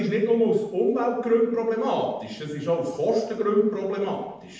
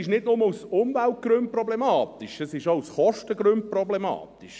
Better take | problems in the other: second | room echo; dies away in 0.7 s

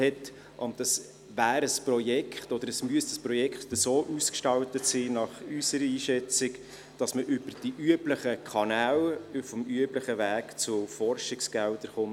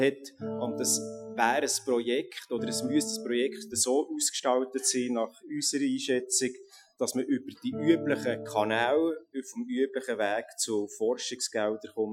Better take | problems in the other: first | noise reduction (classical method Wiener filter)

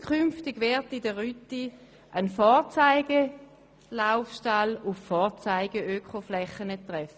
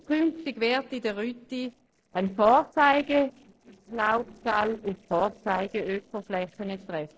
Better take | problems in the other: first | noise reduction (neural separator model SepFormer DNS4)

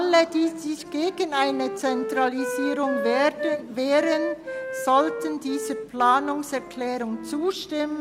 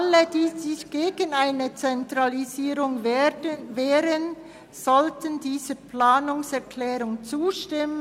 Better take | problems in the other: second | background sound (Wind instrument, woodwind instrument); 7 dB below the speech

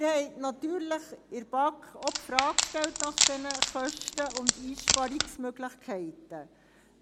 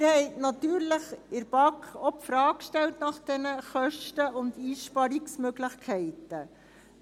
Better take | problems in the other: second | background sound (Wood); 3 dB above the speech

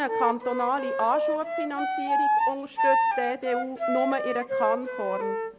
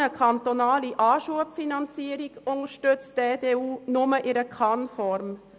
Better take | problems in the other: second | background sound (Wind instrument, woodwind instrument); 2 dB above the speech

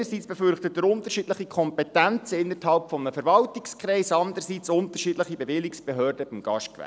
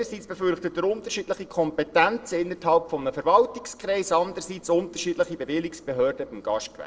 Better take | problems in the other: first | noise reduction (neural separator model SepFormer DNS4)

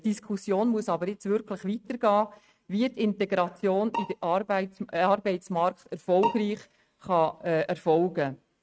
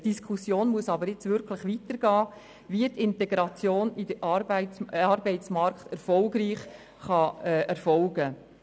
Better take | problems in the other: second | noise reduction (neural mask model RNNoise)

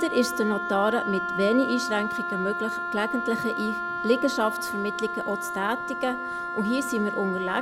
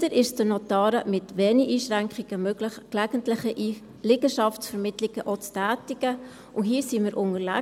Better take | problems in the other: second | background sound (Wind instrument, woodwind instrument); 3 dB below the speech

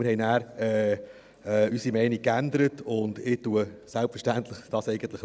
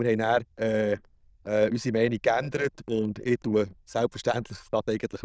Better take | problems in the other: first | noise reduction (neural diffusion model UNIVERSE++)

